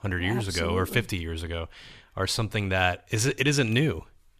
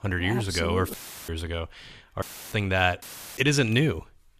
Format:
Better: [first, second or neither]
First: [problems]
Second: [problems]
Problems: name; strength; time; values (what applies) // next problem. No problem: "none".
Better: first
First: none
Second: audio cutting out; filled with static; at 1 s, at 2 s and at 3 s